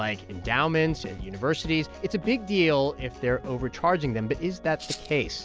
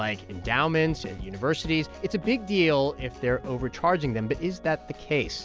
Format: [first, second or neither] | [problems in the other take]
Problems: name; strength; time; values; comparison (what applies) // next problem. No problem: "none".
second | background sound (Rattle (instrument)); 13 dB below the speech